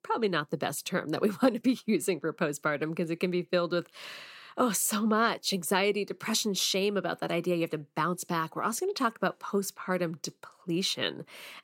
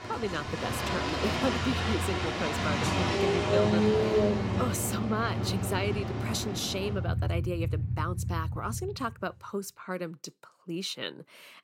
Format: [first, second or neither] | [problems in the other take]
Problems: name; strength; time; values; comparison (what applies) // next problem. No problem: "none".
first | traffic noise; very loud; until 8.5 s; 4 dB above the speech